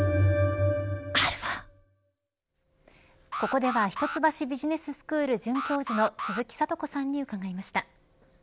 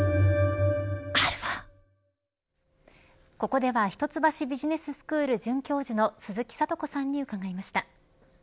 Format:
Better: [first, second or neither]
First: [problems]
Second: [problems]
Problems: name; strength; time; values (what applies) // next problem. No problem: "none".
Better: second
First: background sound (Alarm); 8 dB below the speech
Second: none